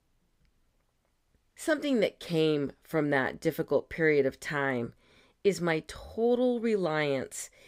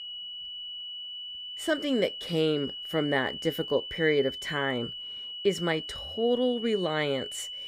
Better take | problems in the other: first | high-pitched whine; loud; throughout; 3 kHz, 7 dB below the speech

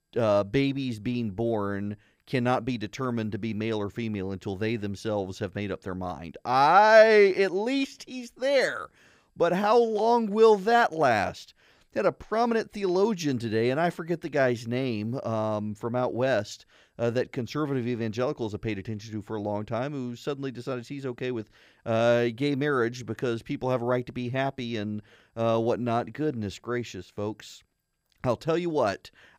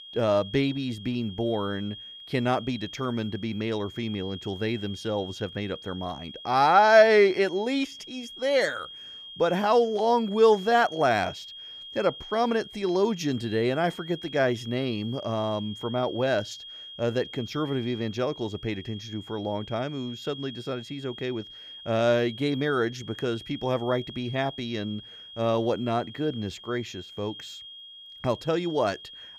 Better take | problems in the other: first | high-pitched whine; noticeable; throughout; 3.5 kHz, 15 dB below the speech

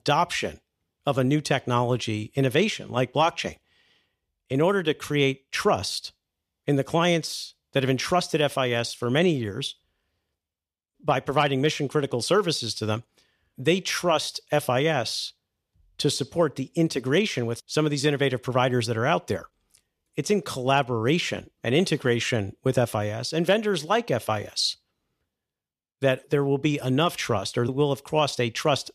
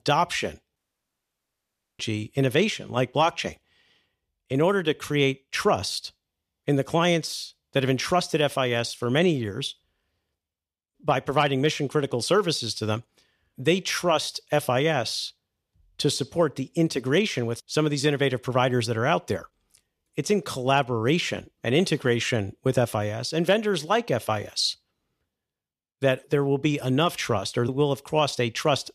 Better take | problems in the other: first | audio cutting out; at 1 s for 1 s

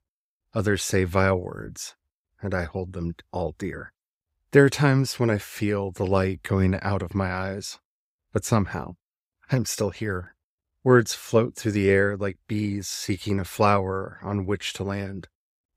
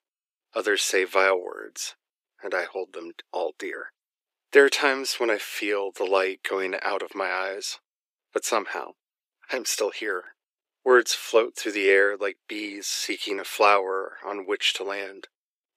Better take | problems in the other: first | thin; very; fading below 350 Hz

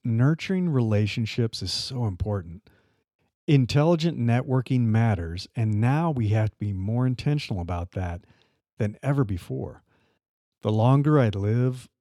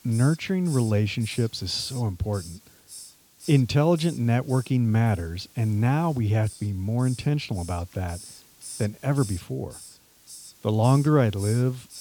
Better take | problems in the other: first | hiss; noticeable; throughout; 20 dB below the speech

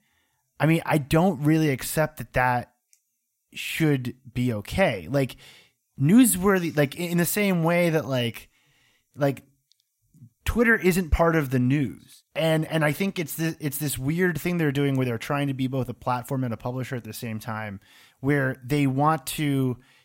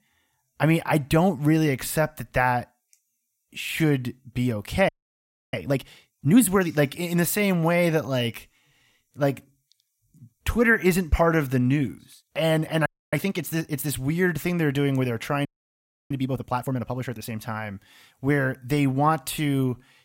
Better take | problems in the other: first | audio freezing; at 5 s for 0.5 s, at 13 s and at 15 s for 0.5 s

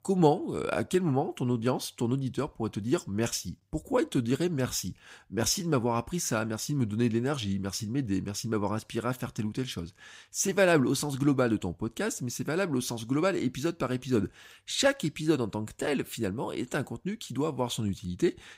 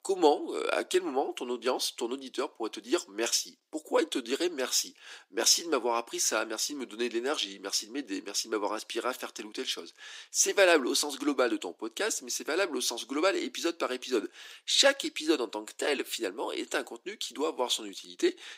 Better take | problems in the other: first | thin; somewhat; fading below 300 Hz

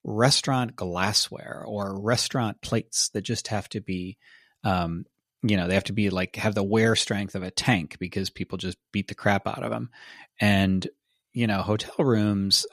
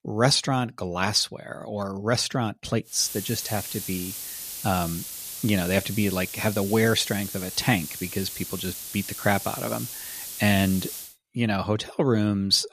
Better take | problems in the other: first | hiss; loud; from 3 to 11 s; 8 dB below the speech

